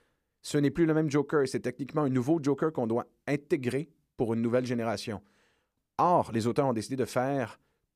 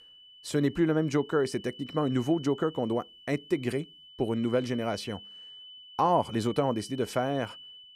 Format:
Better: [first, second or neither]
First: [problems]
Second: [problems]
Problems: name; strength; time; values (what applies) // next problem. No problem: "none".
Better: first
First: none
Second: high-pitched whine; noticeable; throughout; 3 kHz, 20 dB below the speech